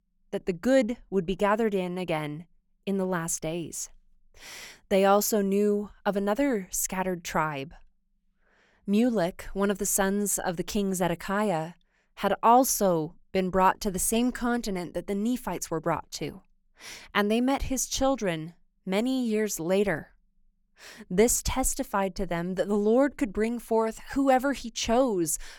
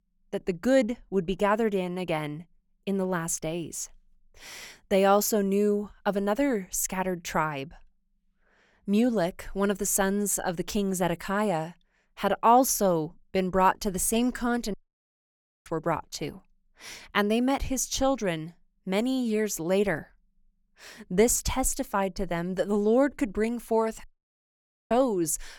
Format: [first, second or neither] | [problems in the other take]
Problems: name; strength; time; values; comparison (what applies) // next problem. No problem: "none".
first | audio cutting out; at 15 s for 1 s and at 24 s for 1 s